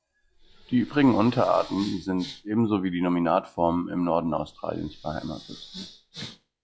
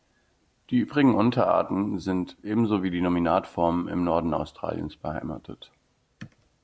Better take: second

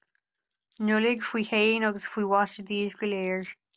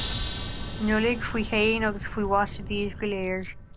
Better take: first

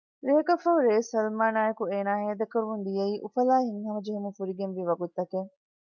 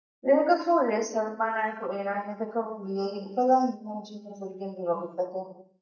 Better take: first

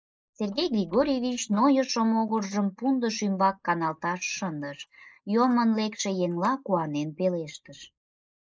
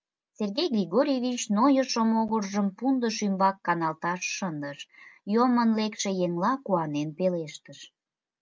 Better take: second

